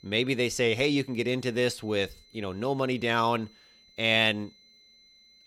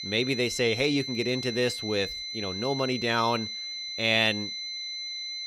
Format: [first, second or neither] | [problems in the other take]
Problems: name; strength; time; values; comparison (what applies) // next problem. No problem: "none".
first | high-pitched whine; loud; throughout; 4 kHz, 6 dB below the speech; faint in the first